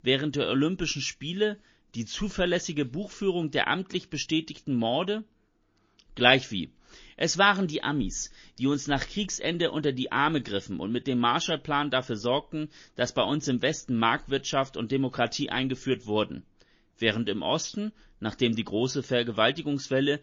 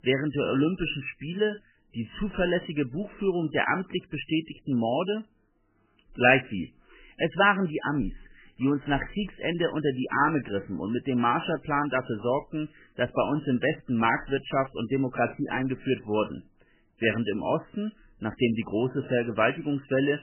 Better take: first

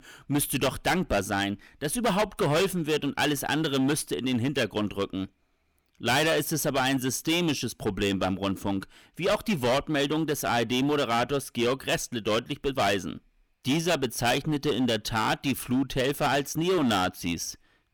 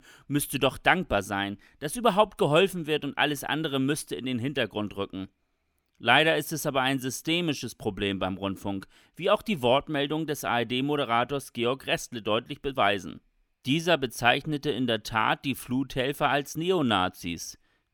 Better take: second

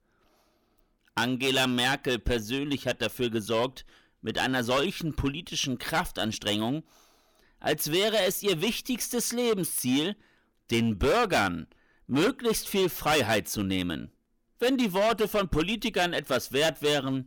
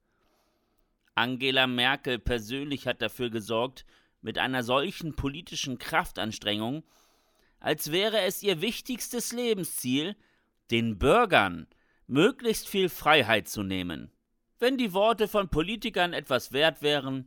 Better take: second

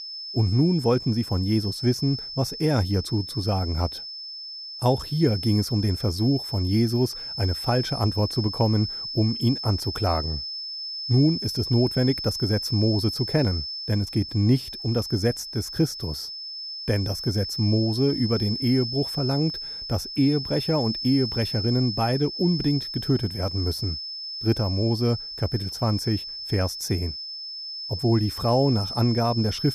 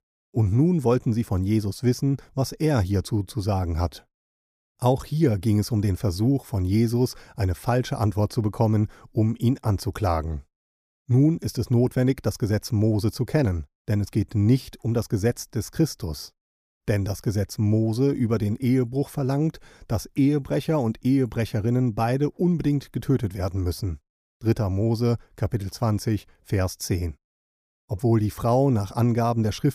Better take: second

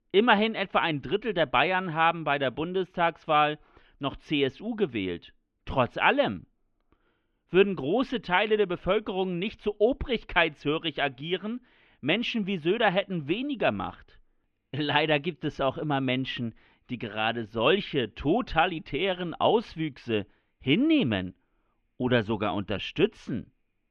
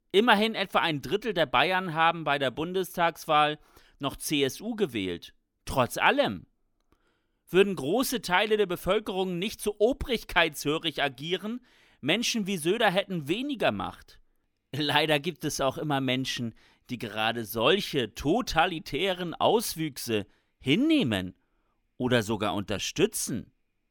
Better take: second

